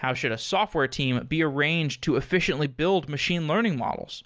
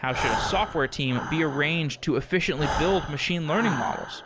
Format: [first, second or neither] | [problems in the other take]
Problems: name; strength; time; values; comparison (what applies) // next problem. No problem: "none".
first | background sound (Breathing); 6 dB below the speech